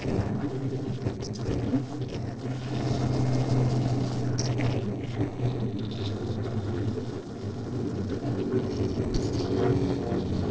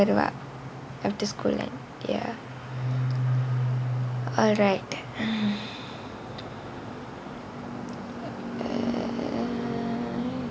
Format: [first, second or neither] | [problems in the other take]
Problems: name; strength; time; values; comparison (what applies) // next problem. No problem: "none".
second | noise reduction (neural separator model SepFormer DNS4)